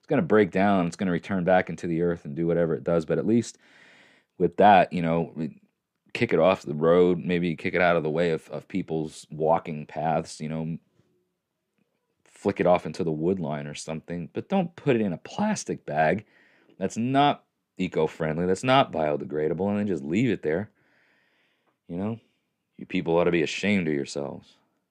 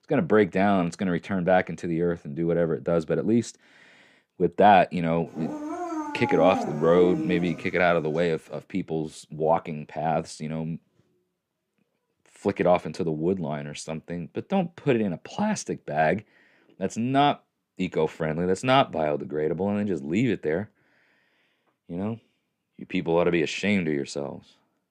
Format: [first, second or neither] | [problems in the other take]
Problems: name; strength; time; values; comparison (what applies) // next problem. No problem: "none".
first | dog barking; noticeable; from 5.5 to 7.5 s; peak 2 dB below the speech